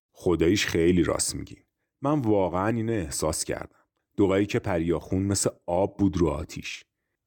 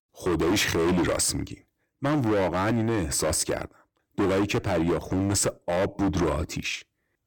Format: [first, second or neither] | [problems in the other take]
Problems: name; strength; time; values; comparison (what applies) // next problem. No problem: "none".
first | distortion; heavy; 19% of the sound clipped